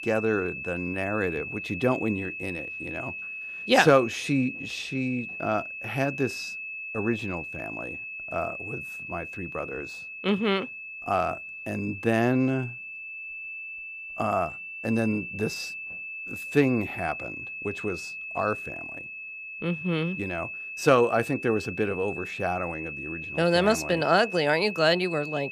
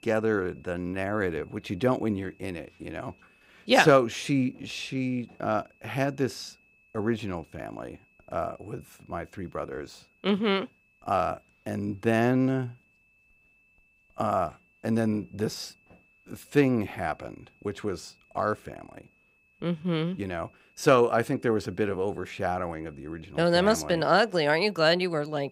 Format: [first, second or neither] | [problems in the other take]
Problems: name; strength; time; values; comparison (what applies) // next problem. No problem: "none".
second | high-pitched whine; loud; throughout; 2.5 kHz, 8 dB below the speech; faint in the second